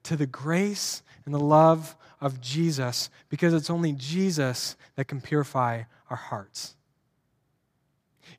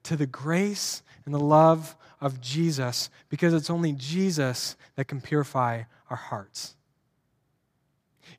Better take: neither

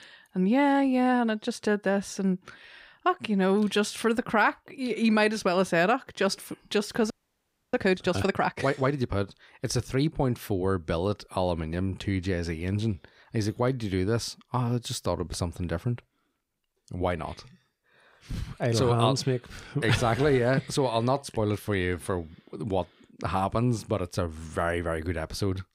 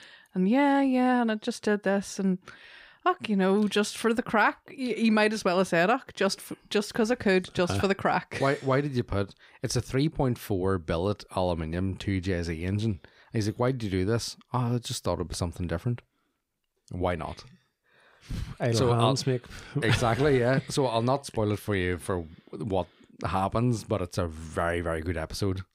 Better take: second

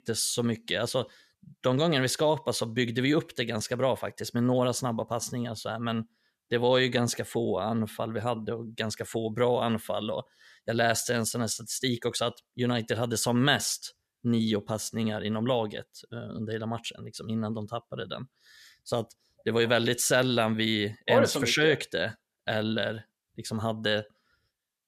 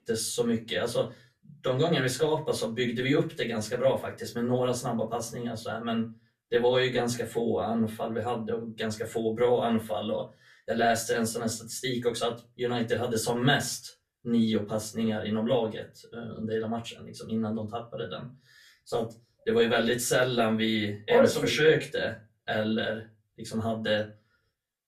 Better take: first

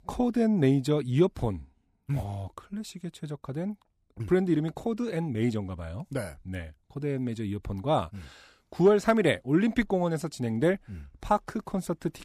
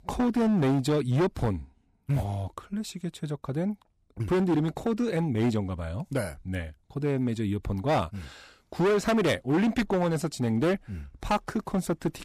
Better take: first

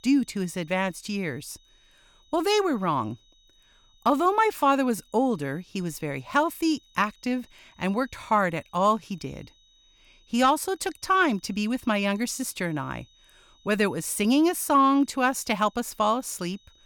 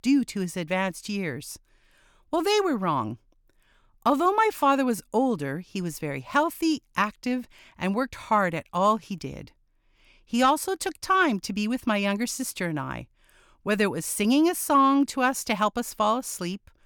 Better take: second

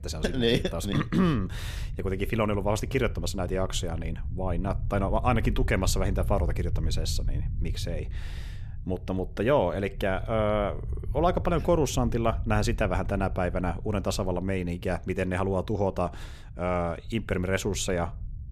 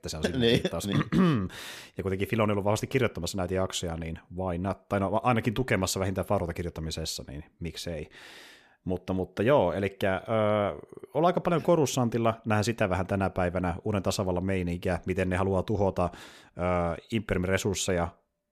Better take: second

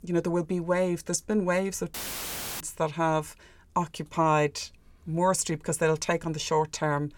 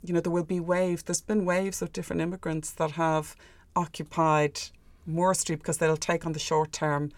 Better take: second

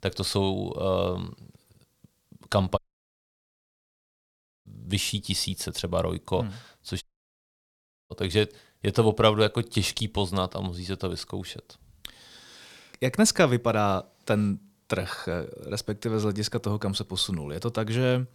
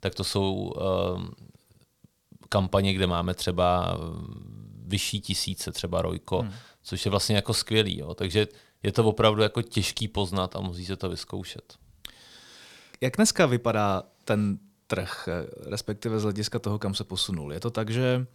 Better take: second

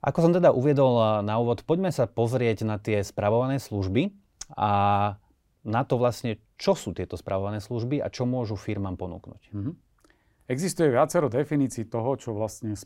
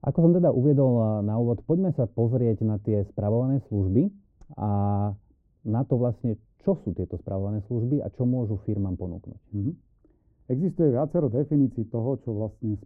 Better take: first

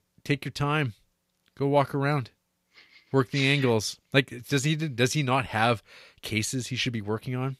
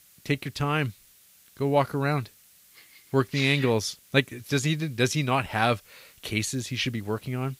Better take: first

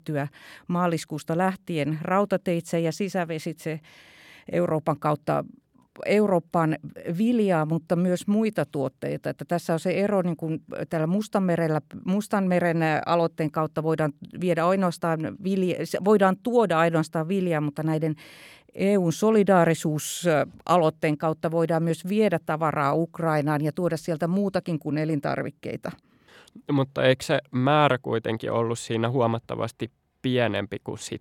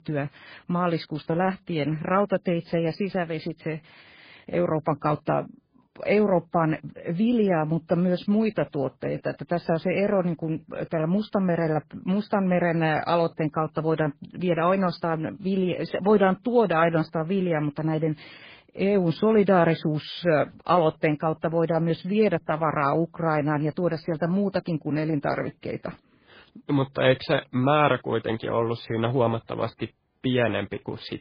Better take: first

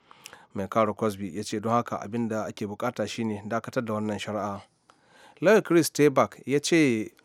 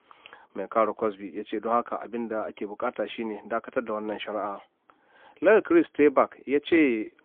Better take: first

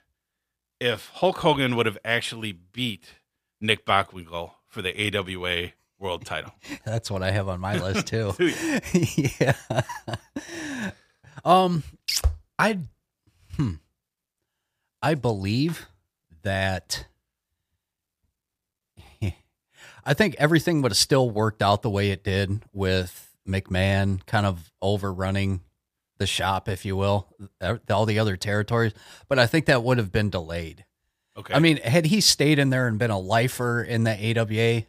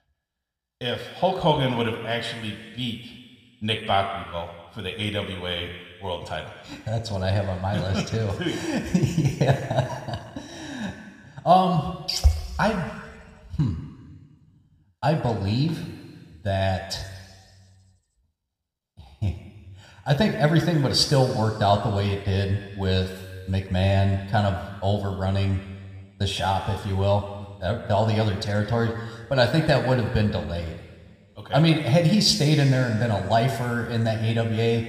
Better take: first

